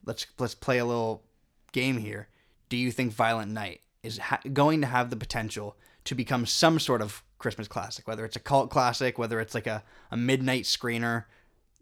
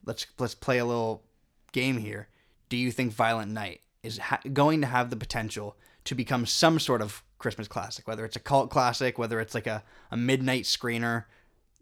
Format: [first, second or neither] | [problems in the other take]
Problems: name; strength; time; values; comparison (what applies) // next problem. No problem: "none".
neither | none